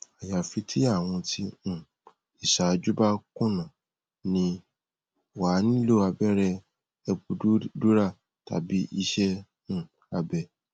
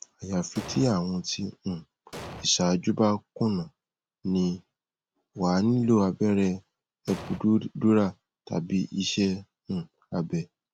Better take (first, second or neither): first